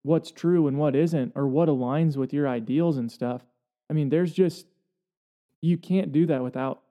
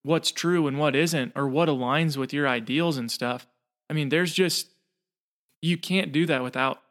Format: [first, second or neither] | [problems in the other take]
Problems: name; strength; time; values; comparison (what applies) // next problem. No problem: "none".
second | muffled; slightly; fading above 1 kHz